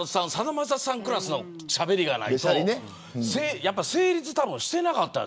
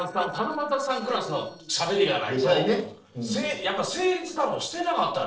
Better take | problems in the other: first | noise reduction (neural separator model SepFormer DNS4)

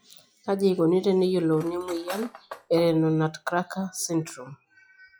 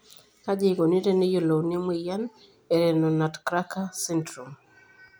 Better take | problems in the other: second | noise reduction (classical method log-MMSE)

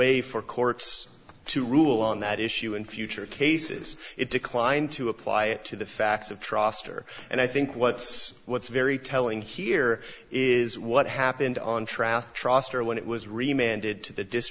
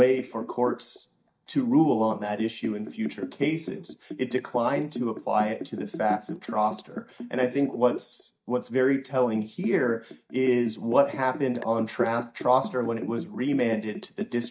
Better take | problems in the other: first | noise reduction (neural mask model DeepFilterNet 3)

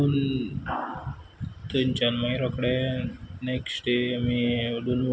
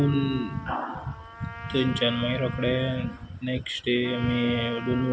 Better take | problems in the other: first | background sound (Trumpet); 14 dB below the speech

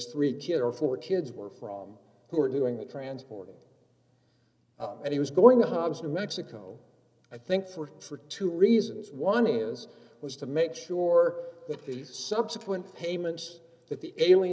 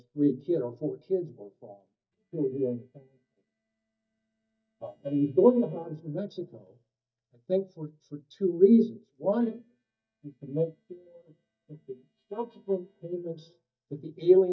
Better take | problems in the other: first | noise reduction (neural mask model DeepFilterNet 3)

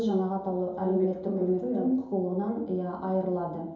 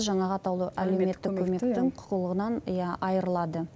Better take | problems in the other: second | room echo; dies away in 2.8 s

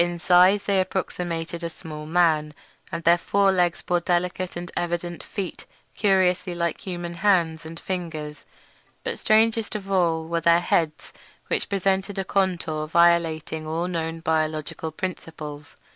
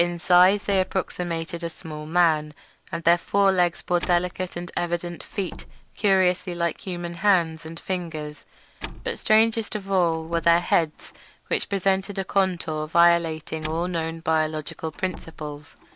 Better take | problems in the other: first | background sound (Slam); 19 dB below the speech

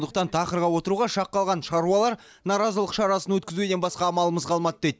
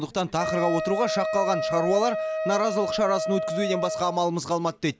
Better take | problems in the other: first | background sound (Wind instrument, woodwind instrument); 3 dB below the speech

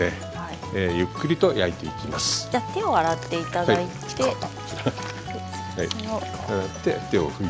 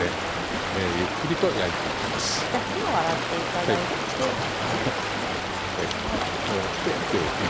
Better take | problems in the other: first | background sound (Stream); 1 dB above the speech

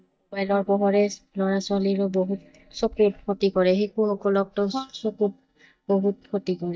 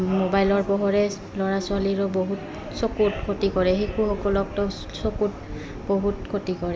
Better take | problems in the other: second | noise reduction (neural mask model DeepFilterNet 3)

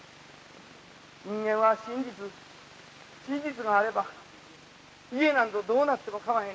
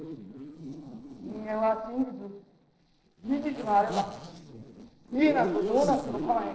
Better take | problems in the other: first | noise reduction (neural separator model SepFormer DNS4)

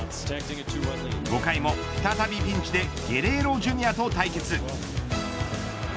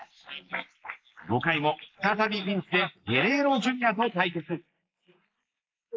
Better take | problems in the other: first | noise reduction (neural mask model Resemble Enhance denoiser)

